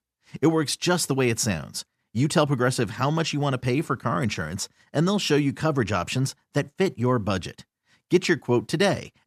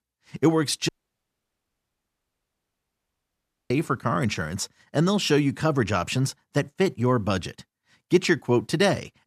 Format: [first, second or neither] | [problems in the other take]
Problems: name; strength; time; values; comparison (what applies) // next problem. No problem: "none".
first | audio cutting out; at 1 s for 3 s